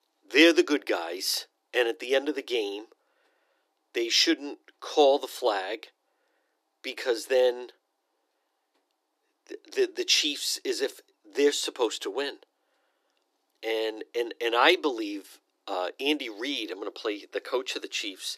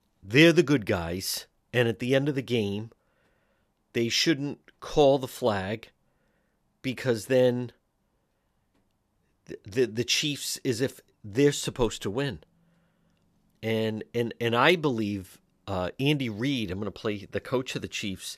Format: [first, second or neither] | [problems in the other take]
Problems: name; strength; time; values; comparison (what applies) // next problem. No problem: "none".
second | thin; somewhat; fading below 300 Hz